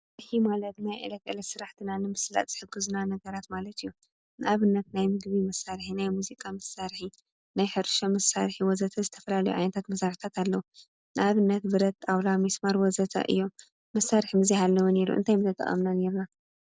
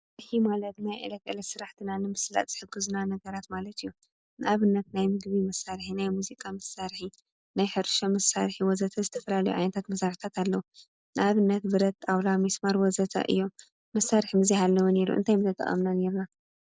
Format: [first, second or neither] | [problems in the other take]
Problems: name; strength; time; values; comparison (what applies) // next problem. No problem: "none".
first | noise reduction (neural mask model Resemble Enhance denoiser)